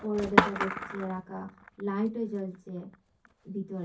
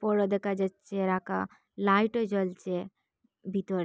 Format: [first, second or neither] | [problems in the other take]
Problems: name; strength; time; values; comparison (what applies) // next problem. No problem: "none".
second | background sound (Skateboard); 1 dB above the speech // room echo; dies away in 0.3 s